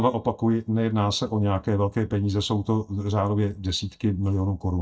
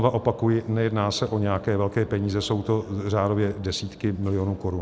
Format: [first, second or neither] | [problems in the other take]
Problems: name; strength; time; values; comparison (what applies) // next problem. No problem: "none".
second | noise reduction (neural mask model DeepFilterNet 3)